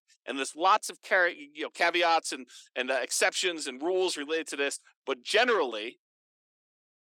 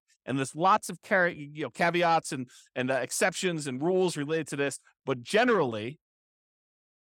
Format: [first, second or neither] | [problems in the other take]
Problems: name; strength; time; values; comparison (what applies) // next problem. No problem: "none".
second | thin; somewhat; fading below 300 Hz